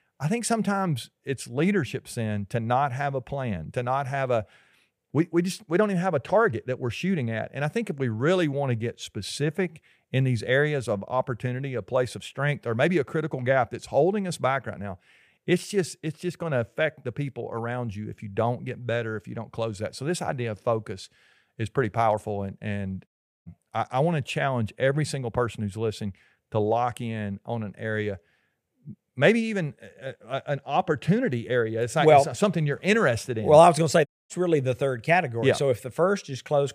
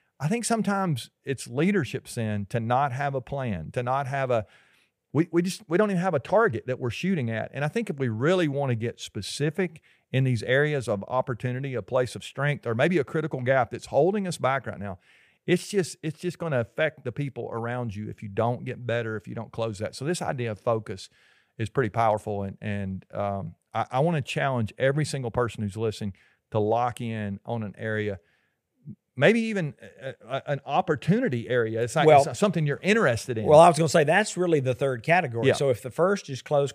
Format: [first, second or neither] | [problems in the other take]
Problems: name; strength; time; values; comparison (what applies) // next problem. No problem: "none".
second | audio cutting out; at 23 s and at 34 s